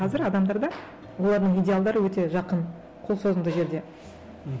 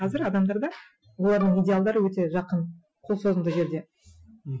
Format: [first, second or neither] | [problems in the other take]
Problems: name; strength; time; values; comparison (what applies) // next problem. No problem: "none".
first | noise reduction (classical method Wiener filter)